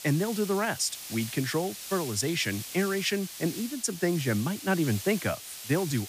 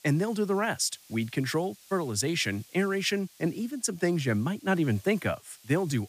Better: second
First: hiss; loud; throughout; 9 dB below the speech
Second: hiss; faint; throughout; 25 dB below the speech

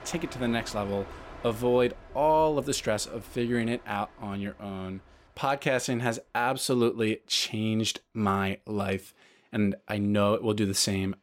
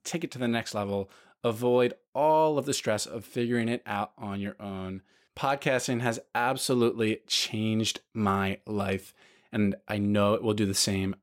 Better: second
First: train or aircraft noise; noticeable; throughout; 20 dB below the speech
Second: none

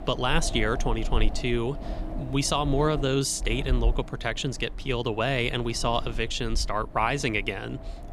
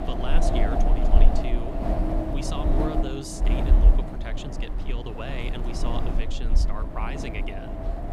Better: first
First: wind noise on the microphone; occasional gusts; 15 dB below the speech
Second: wind noise on the microphone; heavy; 3 dB above the speech

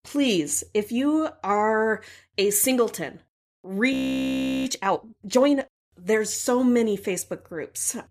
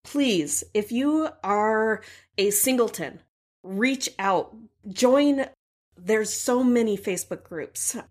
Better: second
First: audio freezing; at 4 s for 0.5 s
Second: none

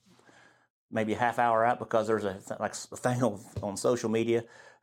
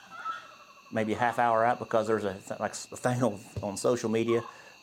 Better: first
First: none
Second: animal sounds; noticeable; throughout; 15 dB below the speech

